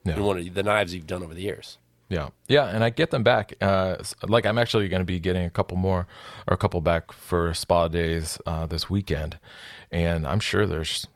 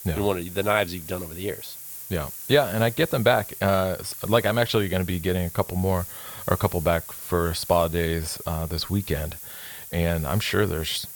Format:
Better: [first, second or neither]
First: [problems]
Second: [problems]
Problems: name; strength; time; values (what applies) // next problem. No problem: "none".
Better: first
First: none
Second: hiss; noticeable; throughout; 10 dB below the speech